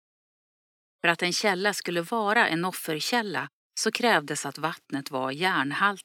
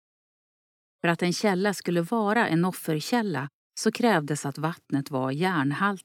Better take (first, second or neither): second